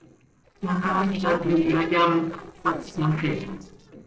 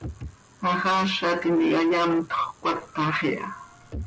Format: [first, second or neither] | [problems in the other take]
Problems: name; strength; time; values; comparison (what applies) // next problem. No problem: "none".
second | noise reduction (neural separator model SepFormer DNS4)